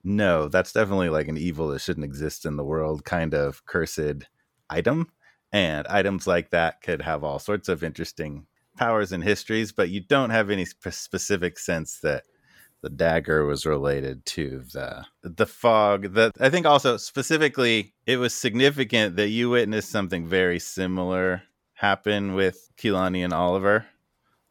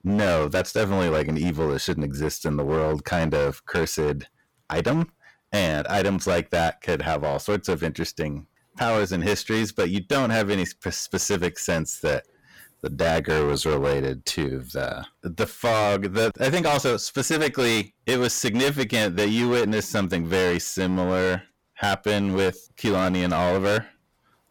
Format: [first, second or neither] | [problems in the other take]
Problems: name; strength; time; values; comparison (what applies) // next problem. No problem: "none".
first | distortion; heavy; 18% of the sound clipped